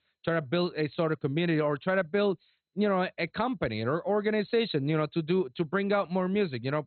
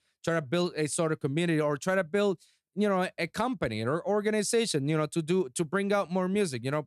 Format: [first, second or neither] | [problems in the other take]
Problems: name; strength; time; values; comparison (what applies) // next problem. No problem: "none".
second | garbled, watery; badly; nothing above 4 kHz